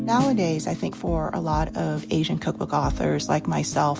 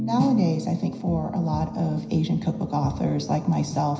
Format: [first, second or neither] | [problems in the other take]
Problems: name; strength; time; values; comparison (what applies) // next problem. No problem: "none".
first | room echo; dies away in 0.9 s